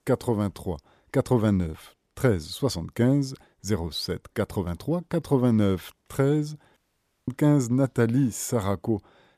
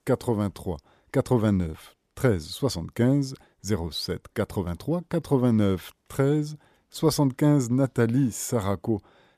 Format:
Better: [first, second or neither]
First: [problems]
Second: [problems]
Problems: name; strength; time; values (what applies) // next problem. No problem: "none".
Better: second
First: audio cutting out; at 7 s for 0.5 s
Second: none